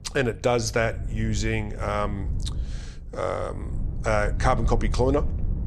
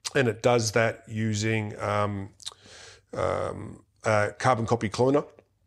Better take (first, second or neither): second